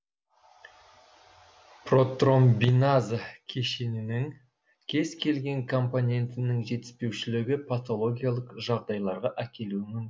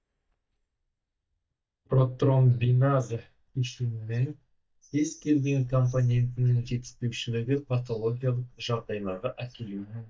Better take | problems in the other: first | noise reduction (neural mask model DeepFilterNet 3)

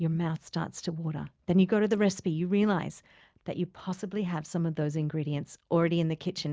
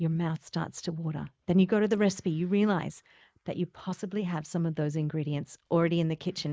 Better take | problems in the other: first | noise reduction (neural mask model Resemble Enhance denoiser)

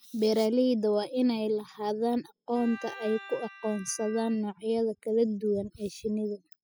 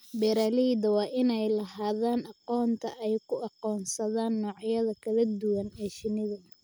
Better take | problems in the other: second | noise reduction (classical method spectral subtraction)

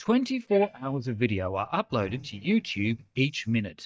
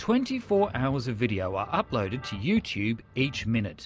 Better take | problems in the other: second | noise reduction (neural mask model DeepFilterNet 3)

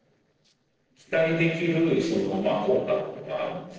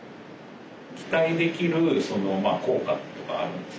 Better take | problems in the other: second | noise reduction (neural separator model SepFormer DNS4)

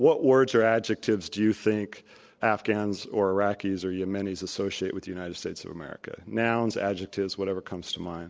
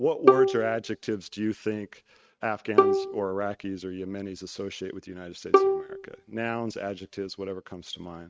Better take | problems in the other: first | noise reduction (neural mask model RNNoise)

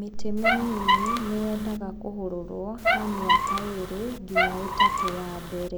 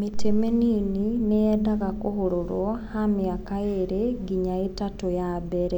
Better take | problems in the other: second | background sound (Squeak); 4 dB above the speech

